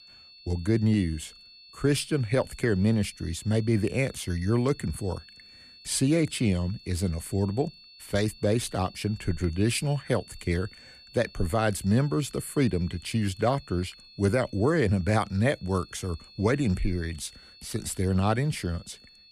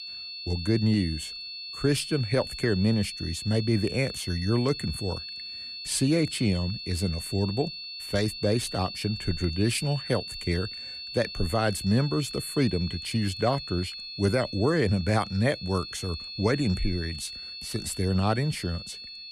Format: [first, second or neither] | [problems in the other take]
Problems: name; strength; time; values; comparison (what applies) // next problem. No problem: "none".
first | high-pitched whine; loud; throughout; 4.5 kHz, 8 dB below the speech; faint in the first